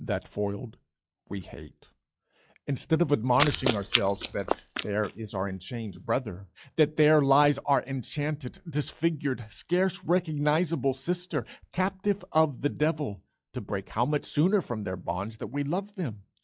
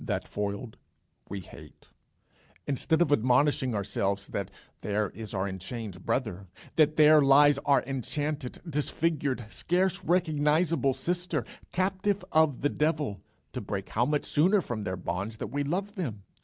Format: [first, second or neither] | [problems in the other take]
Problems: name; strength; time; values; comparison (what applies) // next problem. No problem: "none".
second | noise reduction (classical method log-MMSE)